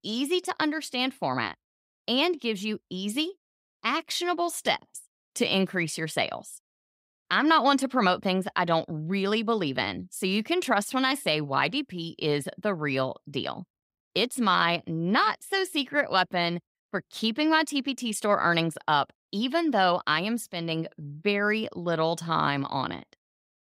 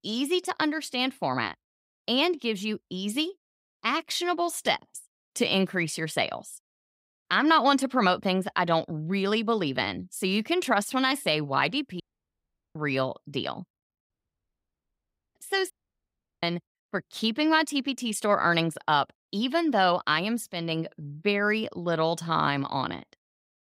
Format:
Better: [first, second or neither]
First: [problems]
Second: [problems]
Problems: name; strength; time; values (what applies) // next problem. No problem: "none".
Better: first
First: none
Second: audio cutting out; at 12 s for 1 s, at 14 s for 1.5 s and at 16 s for 0.5 s